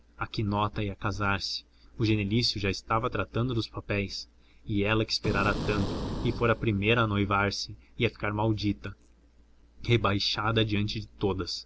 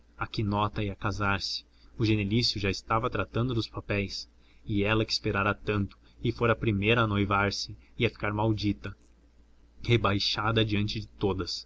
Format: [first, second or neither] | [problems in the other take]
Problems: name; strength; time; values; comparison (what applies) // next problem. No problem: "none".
second | background sound (Boom); 6 dB below the speech